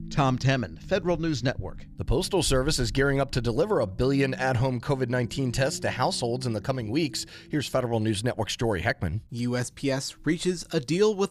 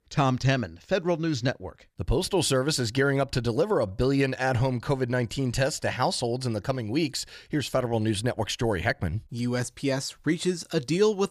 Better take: second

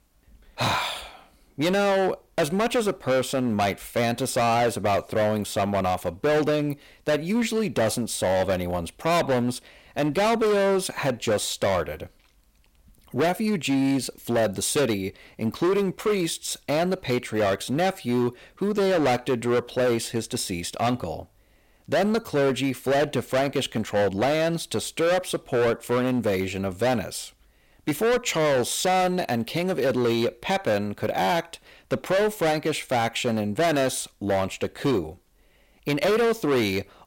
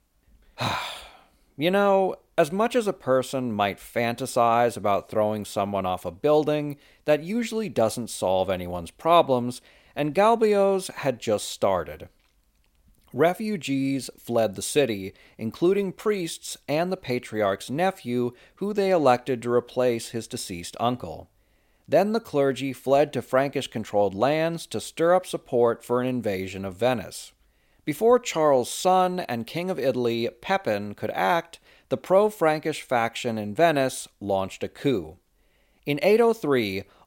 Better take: second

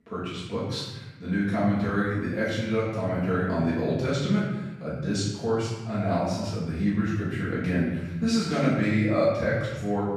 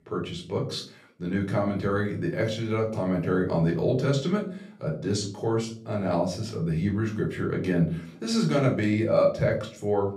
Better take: second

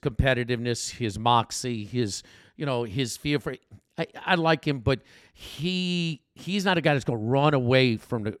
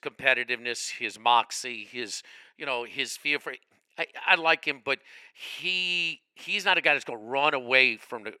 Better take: first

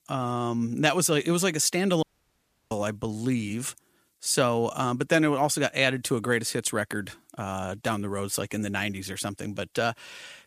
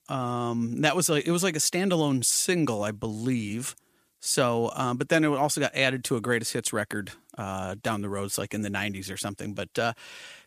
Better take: second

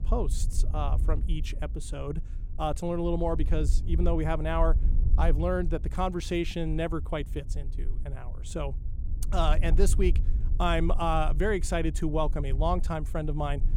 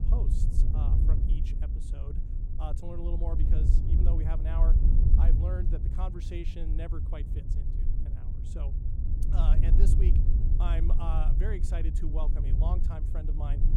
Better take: first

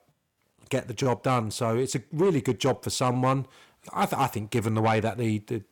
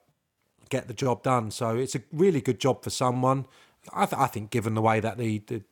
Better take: second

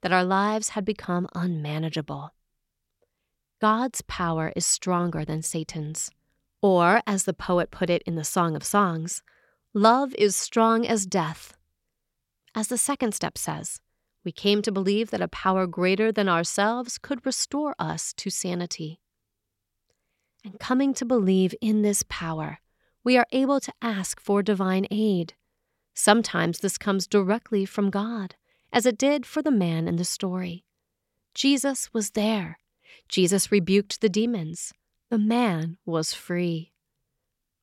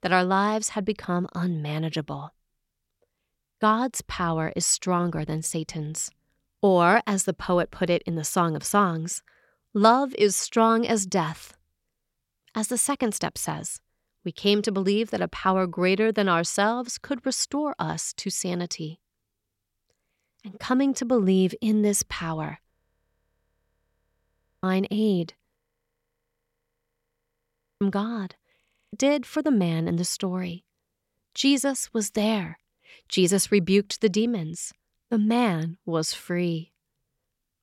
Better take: first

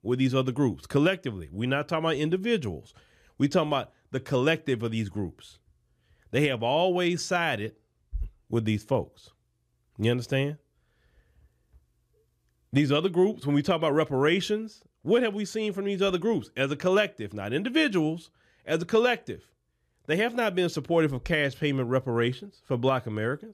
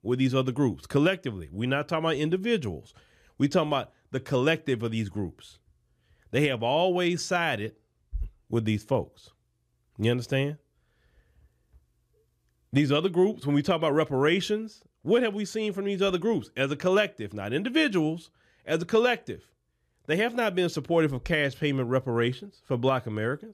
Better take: neither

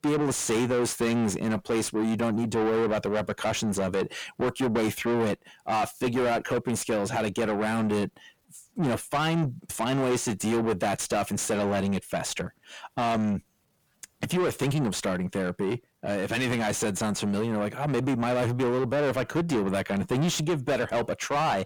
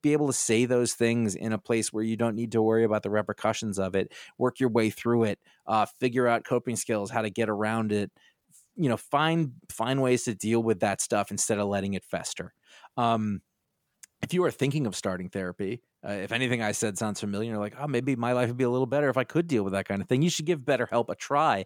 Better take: second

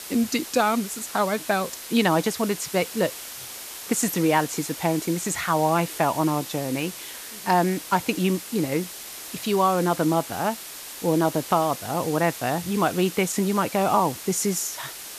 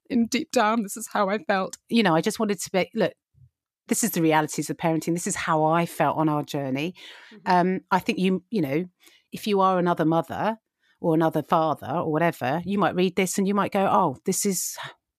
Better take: second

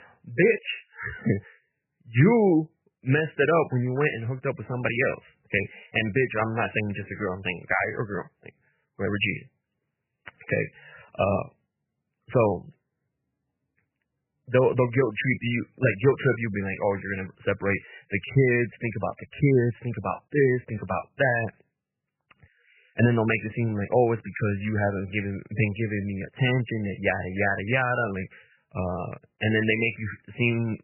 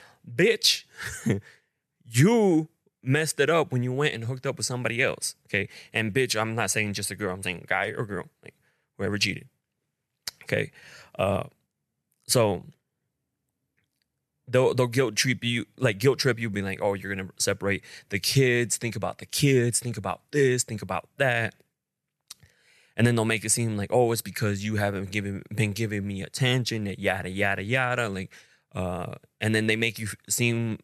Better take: second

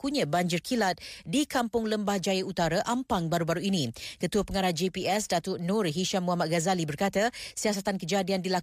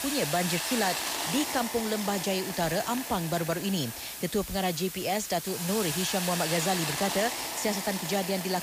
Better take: first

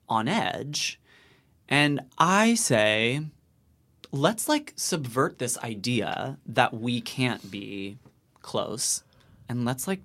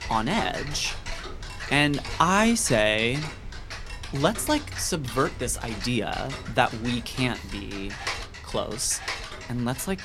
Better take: first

